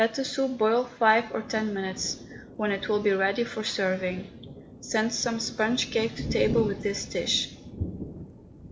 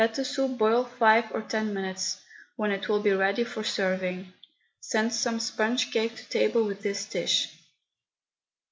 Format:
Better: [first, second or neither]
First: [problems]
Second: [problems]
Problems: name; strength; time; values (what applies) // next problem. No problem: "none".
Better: second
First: background sound (Thunder); 11 dB below the speech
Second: none